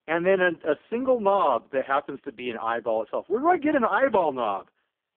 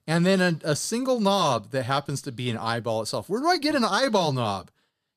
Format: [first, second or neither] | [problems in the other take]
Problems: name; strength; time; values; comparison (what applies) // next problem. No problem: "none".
second | phone-call audio; poor line